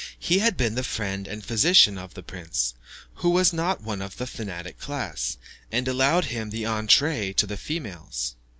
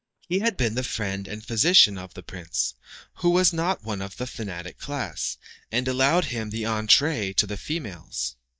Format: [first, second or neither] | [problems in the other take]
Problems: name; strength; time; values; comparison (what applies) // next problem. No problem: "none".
first | noise reduction (neural mask model DeepFilterNet 3)